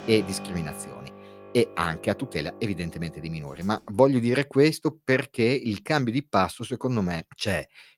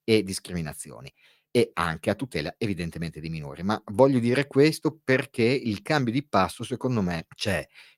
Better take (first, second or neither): second